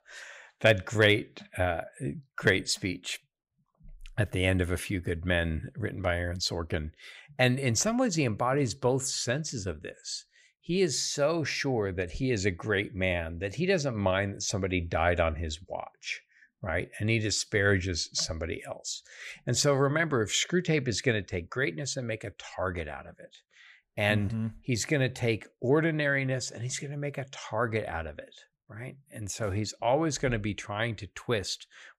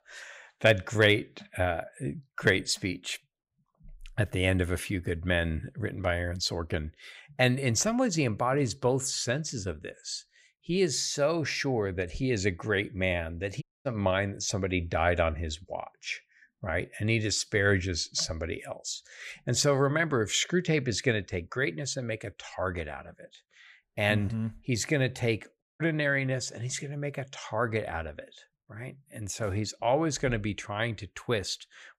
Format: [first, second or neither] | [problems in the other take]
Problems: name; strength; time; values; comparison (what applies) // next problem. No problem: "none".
first | audio cutting out; at 14 s and at 26 s